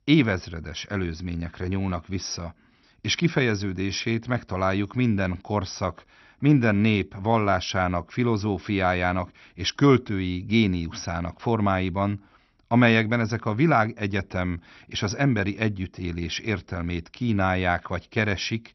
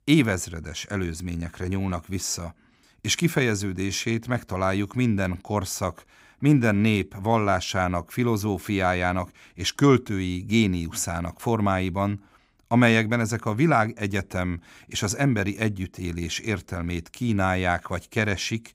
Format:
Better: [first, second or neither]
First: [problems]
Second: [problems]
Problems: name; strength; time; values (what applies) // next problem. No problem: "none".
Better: second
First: garbled, watery; slightly; nothing above 6 kHz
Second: none